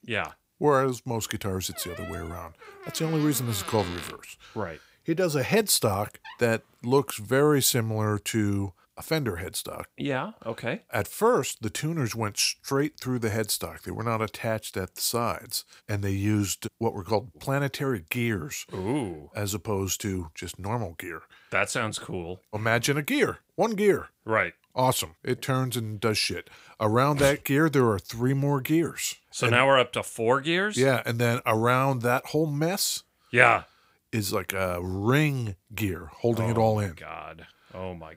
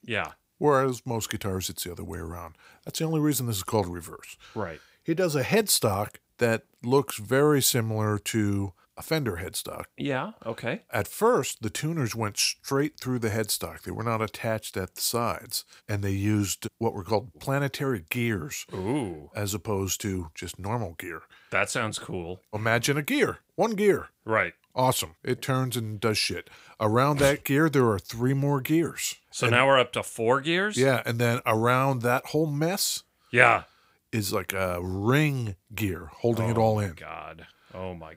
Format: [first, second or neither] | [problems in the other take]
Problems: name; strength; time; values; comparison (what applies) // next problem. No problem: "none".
second | door banging; faint; from 1.5 to 6.5 s; peak 10 dB below the speech